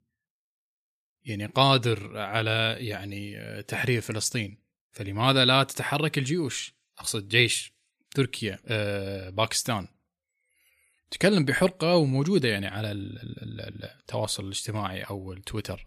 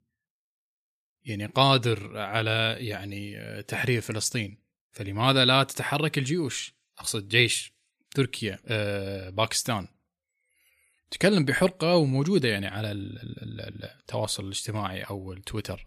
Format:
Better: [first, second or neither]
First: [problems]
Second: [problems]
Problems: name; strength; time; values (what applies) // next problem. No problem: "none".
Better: neither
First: none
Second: none